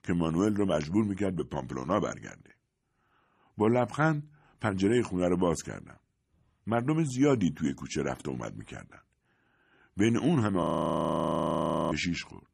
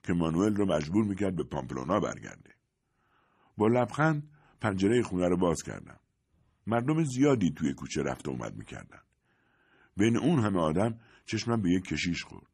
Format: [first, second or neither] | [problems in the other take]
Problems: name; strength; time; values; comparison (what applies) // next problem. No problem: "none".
second | audio freezing; at 11 s for 1.5 s